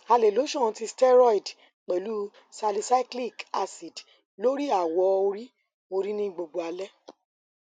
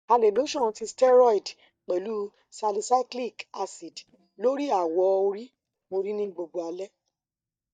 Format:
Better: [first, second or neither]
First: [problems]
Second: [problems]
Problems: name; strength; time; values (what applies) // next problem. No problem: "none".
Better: first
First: none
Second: noise reduction (neural mask model DeepFilterNet 3)